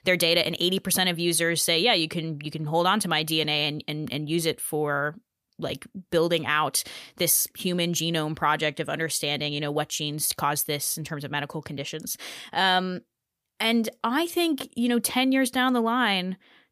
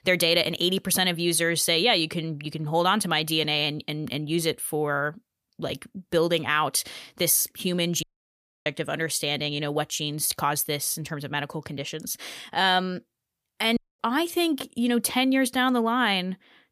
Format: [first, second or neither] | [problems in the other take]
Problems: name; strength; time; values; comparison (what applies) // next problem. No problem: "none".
first | audio cutting out; at 8 s for 0.5 s and at 14 s